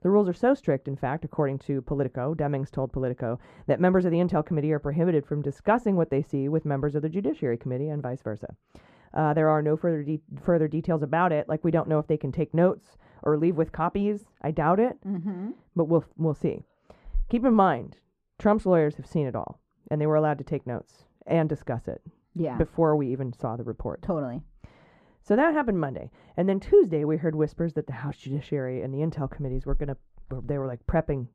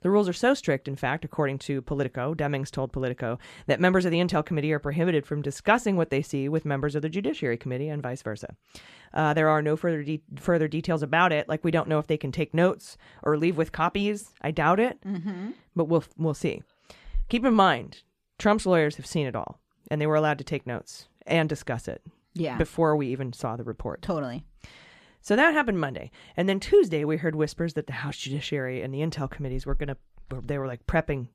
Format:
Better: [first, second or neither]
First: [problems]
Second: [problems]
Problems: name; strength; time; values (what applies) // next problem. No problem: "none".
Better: second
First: muffled; very; fading above 2 kHz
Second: none